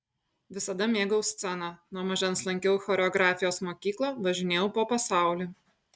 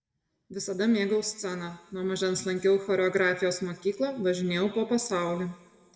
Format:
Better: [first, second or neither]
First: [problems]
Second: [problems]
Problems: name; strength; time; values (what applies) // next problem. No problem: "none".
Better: first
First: none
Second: room echo; dies away in 1.1 s